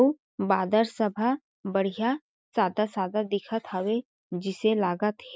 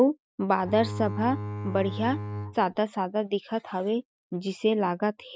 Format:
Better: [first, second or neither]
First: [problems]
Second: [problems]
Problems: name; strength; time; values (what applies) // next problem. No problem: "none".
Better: first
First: none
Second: background sound (Bowed string instrument); 7 dB below the speech